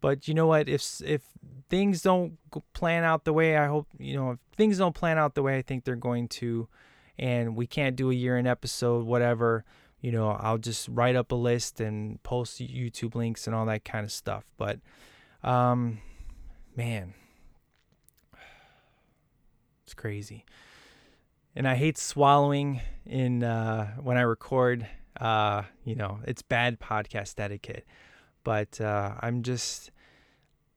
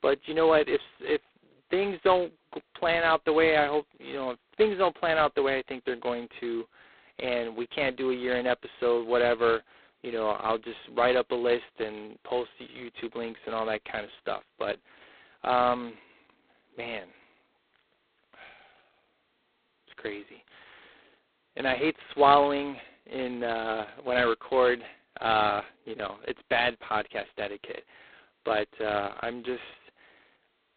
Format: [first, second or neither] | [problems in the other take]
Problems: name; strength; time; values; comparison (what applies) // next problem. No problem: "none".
first | phone-call audio; poor line; nothing above 4 kHz